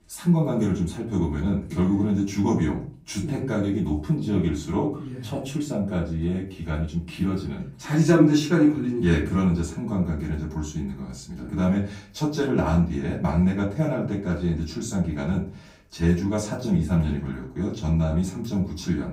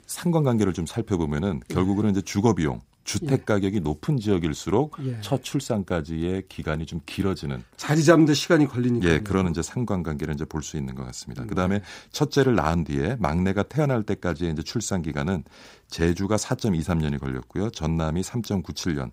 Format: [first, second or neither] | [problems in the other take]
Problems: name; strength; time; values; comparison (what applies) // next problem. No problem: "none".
second | off-mic speech; far // room echo; slight; dies away in 0.4 s